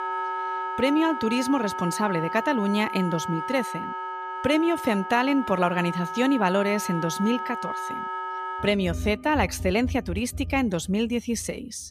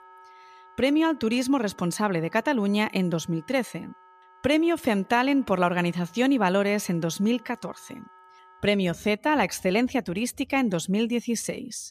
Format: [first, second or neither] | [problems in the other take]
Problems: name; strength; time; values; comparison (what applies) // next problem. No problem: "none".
second | background music; loud; throughout; 7 dB below the speech; faint in the second